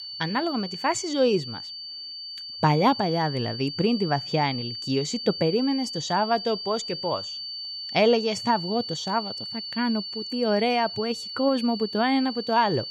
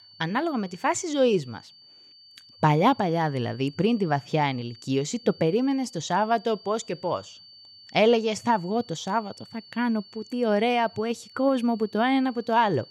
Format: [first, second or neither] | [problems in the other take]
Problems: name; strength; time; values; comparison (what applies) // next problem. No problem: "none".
second | high-pitched whine; loud; throughout; 4.5 kHz, 7 dB below the speech; faint in the second